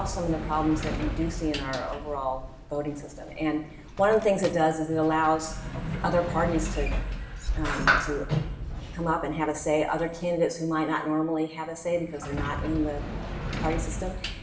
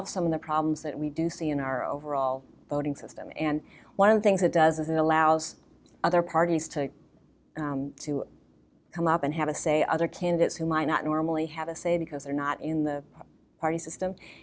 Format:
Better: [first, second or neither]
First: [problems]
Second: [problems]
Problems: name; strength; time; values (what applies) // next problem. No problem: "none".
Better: second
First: background sound (Sliding door); 4 dB below the speech // room echo; dies away in 0.7 s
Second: none